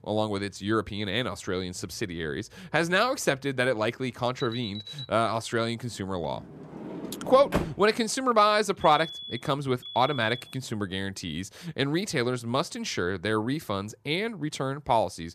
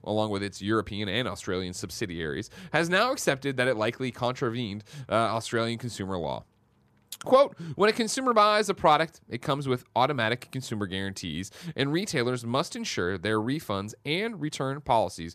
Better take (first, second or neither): second